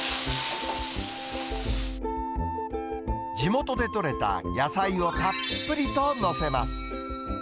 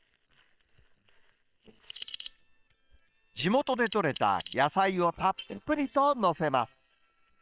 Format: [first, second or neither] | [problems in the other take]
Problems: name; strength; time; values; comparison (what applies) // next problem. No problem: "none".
first | noise reduction (neural separator model SepFormer WHAM!)